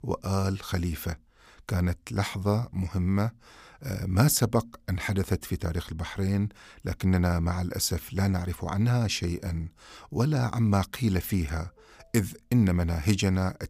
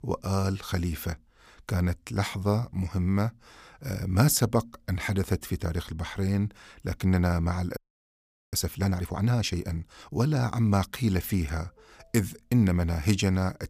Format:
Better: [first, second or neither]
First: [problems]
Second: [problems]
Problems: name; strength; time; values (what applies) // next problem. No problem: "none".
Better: first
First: none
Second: audio freezing; at 8 s for 1 s